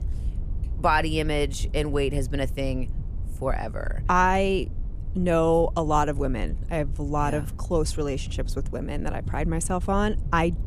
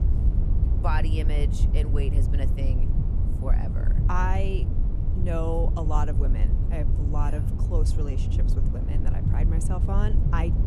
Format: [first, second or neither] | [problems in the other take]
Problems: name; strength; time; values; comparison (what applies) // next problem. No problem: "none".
first | low rumble; loud; throughout; 6 dB below the speech; faint in the first